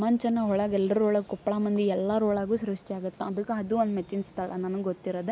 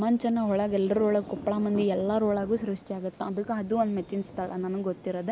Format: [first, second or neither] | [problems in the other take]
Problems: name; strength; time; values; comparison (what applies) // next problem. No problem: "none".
first | background sound (Thunder); 18 dB below the speech